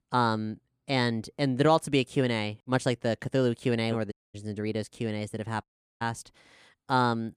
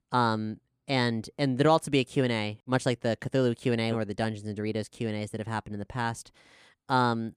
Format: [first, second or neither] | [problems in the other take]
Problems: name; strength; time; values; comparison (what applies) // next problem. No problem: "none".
second | audio cutting out; at 4 s and at 5.5 s